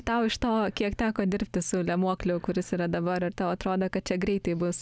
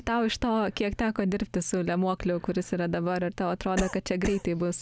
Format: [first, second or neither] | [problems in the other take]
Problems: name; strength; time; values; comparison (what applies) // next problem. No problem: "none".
first | background sound (Cough); 8 dB below the speech